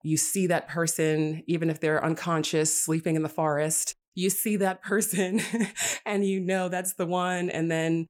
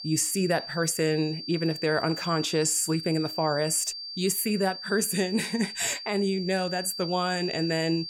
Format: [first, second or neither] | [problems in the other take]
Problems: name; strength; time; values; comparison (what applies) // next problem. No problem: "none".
first | high-pitched whine; loud; throughout; 4.5 kHz, 8 dB below the speech